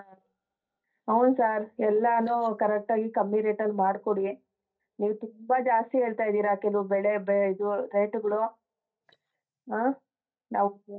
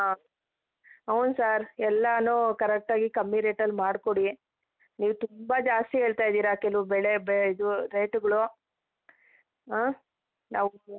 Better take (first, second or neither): second